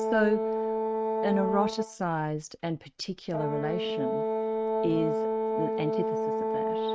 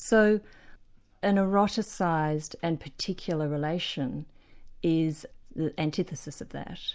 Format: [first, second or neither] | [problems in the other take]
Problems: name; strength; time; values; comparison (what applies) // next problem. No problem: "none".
second | noise reduction (neural mask model RNNoise)